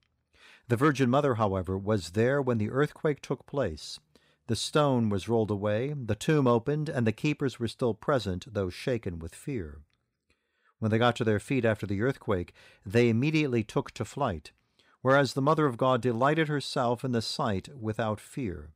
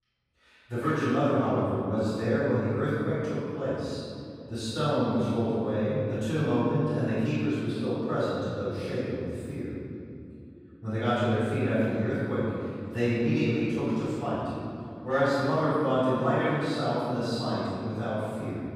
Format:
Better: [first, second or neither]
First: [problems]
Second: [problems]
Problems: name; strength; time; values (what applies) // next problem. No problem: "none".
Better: first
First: none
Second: off-mic speech; far // room echo; strong; dies away in 2.7 s